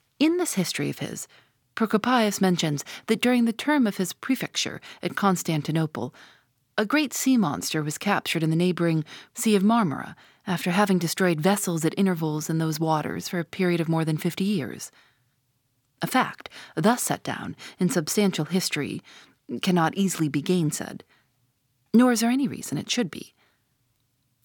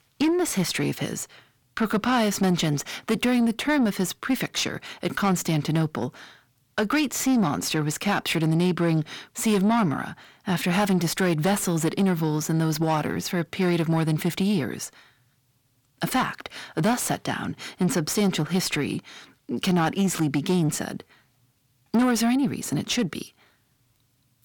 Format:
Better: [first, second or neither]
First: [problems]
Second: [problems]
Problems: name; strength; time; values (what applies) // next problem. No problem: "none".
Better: first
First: none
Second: distortion; slight; 10 dB below the speech